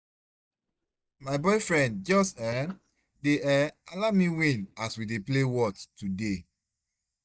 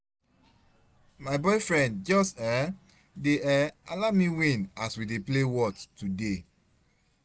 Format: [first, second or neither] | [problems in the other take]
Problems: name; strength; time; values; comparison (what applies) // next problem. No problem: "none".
second | noise reduction (neural mask model DeepFilterNet 3)